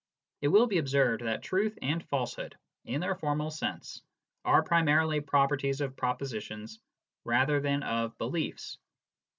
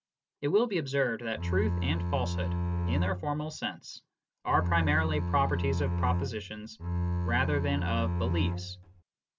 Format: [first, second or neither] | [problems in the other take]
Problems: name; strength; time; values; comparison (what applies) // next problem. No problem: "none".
first | background sound (Bowed string instrument); 2 dB above the speech